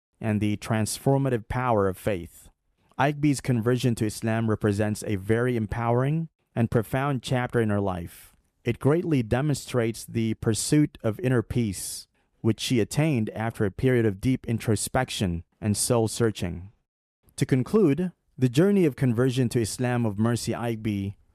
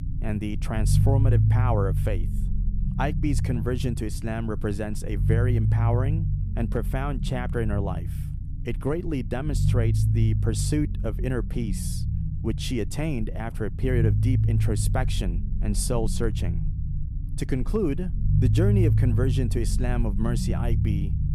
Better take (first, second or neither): first